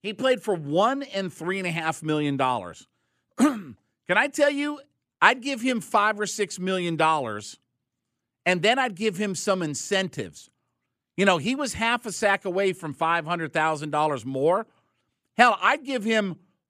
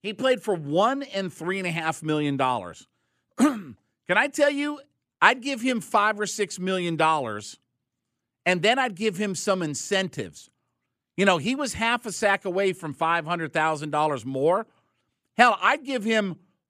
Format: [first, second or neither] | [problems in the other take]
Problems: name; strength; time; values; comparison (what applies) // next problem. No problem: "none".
neither | none